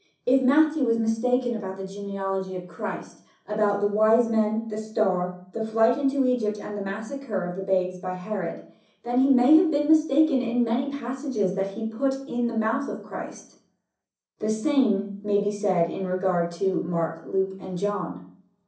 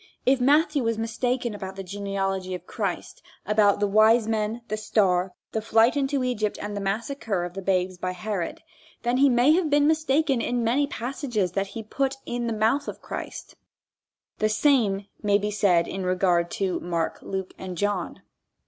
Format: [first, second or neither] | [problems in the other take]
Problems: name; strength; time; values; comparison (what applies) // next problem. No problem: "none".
second | room echo; dies away in 0.6 s